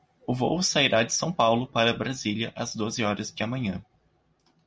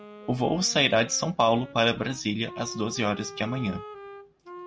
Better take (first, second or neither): first